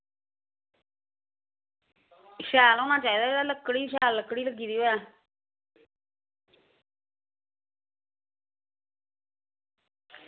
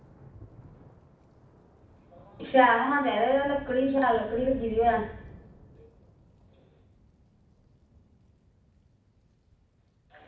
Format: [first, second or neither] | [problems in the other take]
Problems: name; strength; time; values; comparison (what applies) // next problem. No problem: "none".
first | background sound (Thunder / Rain); 20 dB below the speech // room echo; dies away in 0.6 s